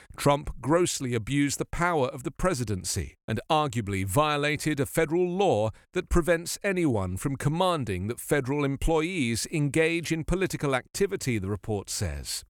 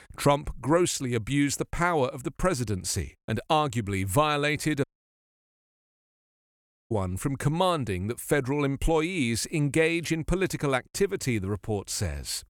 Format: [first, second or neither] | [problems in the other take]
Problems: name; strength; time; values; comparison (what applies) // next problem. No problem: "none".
first | audio cutting out; at 5 s for 2 s